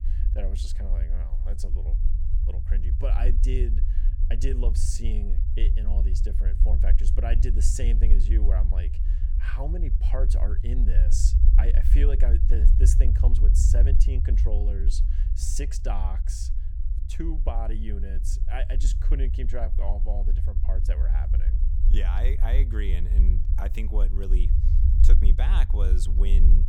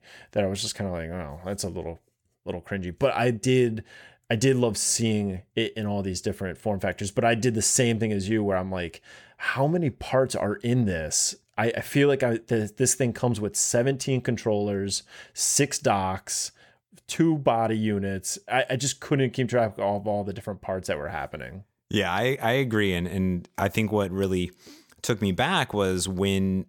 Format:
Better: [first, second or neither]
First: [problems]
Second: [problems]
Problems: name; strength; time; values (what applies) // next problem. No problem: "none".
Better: second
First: low rumble; loud; throughout; 6 dB below the speech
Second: none